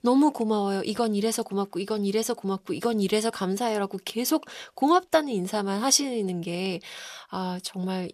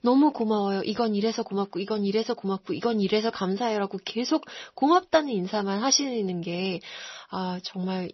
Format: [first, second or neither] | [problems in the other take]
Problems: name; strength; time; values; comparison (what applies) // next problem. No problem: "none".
first | garbled, watery; slightly; nothing above 6 kHz